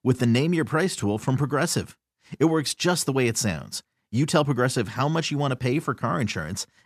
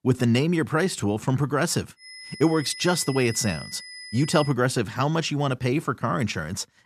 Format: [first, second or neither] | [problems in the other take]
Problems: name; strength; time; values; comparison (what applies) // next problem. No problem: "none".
first | high-pitched whine; noticeable; from 2 to 4.5 s; 5 kHz, 15 dB below the speech